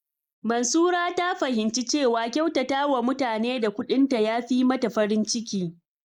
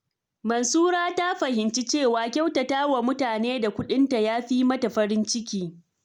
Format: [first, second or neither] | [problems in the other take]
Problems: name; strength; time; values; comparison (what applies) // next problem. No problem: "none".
second | noise reduction (neural mask model Resemble Enhance denoiser)